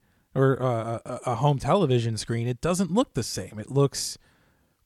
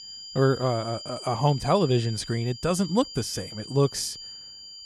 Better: first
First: none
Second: high-pitched whine; noticeable; throughout; 5 kHz, 10 dB below the speech

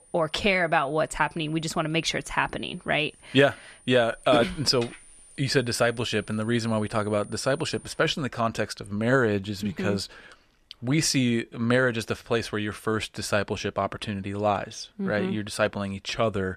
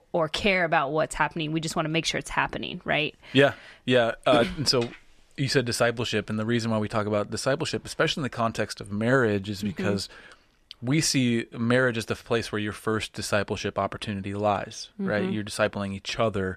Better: second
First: high-pitched whine; faint; until 8 s; 9.5 kHz, 25 dB below the speech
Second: none

